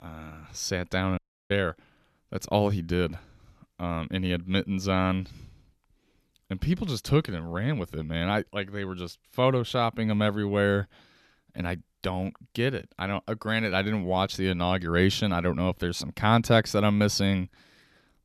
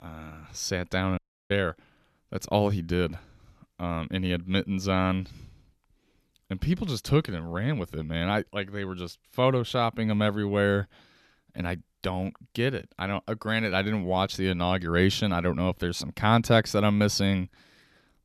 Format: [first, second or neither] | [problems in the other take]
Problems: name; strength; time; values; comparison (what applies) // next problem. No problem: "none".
neither | audio cutting out; at 1 s; the same in both